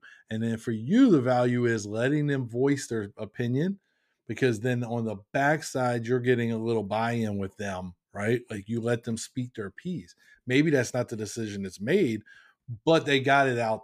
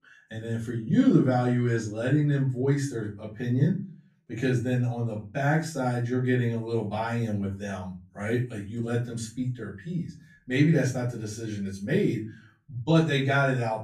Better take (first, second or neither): first